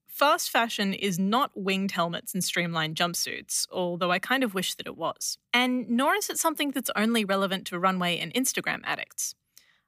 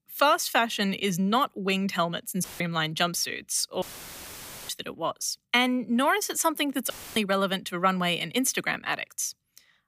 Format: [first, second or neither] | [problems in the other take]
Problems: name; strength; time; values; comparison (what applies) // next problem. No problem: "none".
first | audio cutting out; filled with static; at 2.5 s, at 4 s for 1 s and at 7 s